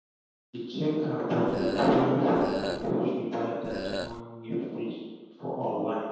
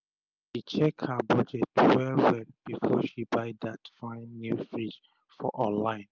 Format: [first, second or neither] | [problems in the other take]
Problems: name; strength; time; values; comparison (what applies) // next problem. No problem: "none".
second | background sound (Burping, eructation); 6 dB below the speech // room echo; dies away in 1.2 s